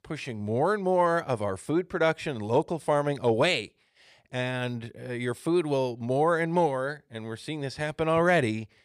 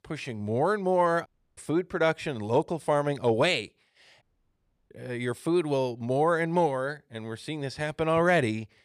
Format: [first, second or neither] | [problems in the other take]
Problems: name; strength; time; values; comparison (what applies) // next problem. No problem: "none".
first | audio cutting out; at 1.5 s and at 4 s for 0.5 s